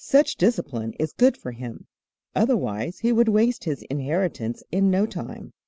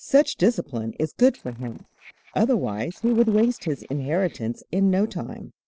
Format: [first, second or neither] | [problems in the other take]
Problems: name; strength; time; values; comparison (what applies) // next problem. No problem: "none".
first | noise reduction (neural separator model SepFormer DNS4)